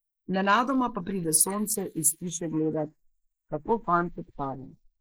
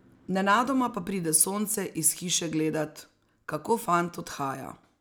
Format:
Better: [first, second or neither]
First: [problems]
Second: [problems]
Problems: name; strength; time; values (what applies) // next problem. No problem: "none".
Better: second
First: noise reduction (neural mask model Resemble Enhance denoiser)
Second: none